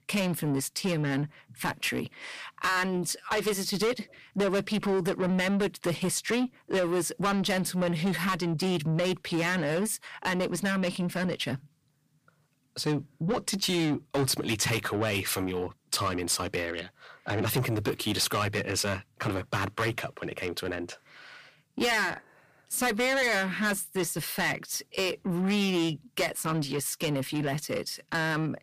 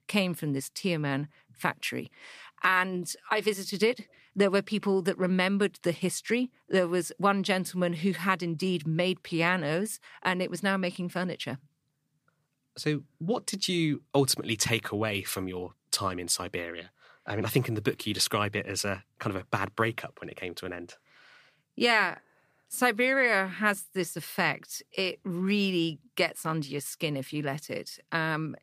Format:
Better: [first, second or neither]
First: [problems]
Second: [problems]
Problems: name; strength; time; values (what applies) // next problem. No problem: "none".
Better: second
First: distortion; heavy; 6 dB below the speech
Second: none